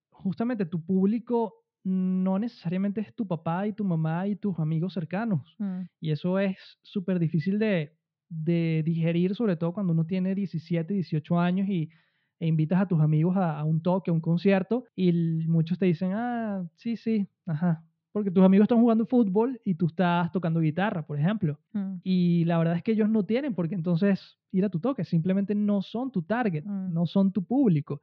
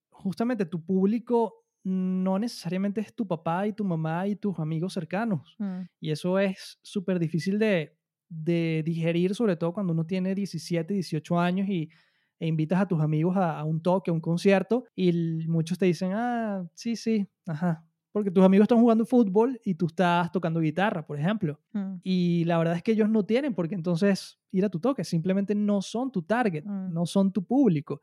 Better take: second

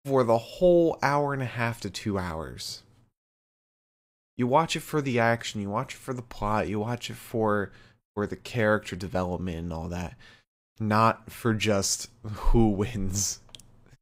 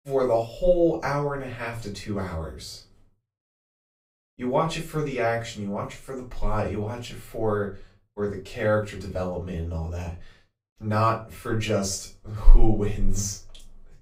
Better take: first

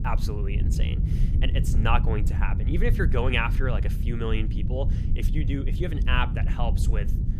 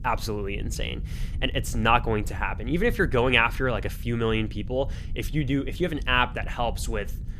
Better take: second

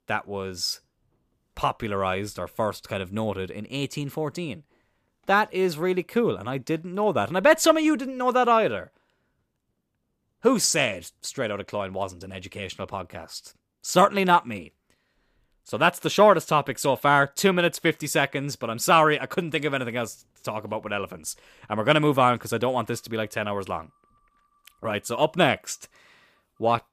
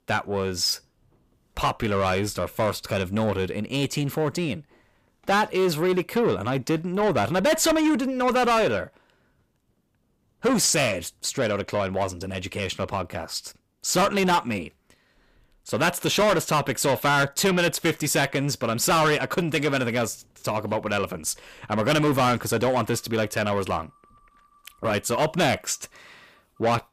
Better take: first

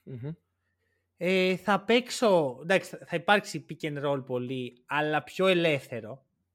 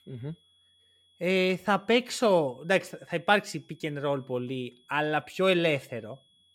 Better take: first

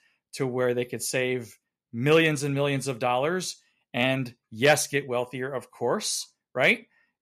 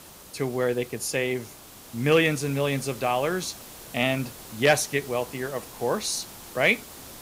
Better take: first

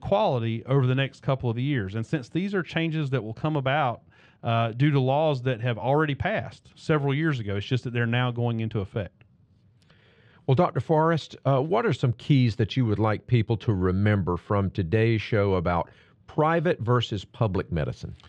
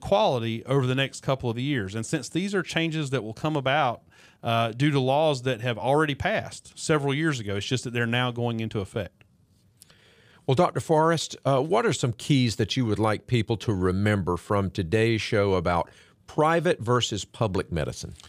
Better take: second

